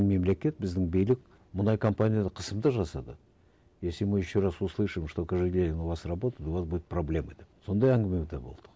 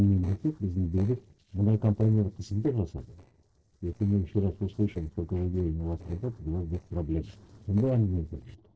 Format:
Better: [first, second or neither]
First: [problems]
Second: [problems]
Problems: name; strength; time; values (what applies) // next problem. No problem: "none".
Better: first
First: none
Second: noise reduction (neural separator model SepFormer DNS4)